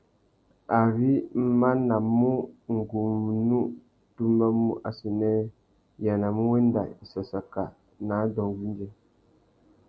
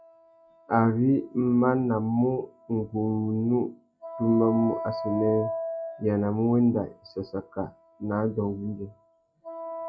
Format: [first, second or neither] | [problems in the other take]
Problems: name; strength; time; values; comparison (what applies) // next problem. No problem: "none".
first | noise reduction (classical method log-MMSE)